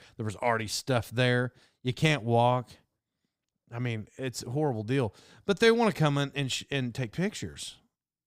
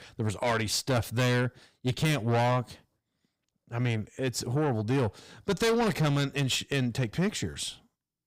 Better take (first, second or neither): first